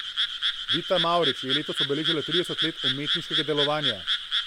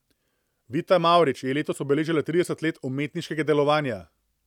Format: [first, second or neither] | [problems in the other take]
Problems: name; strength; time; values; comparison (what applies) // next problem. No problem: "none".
second | background sound (Frog); 2 dB above the speech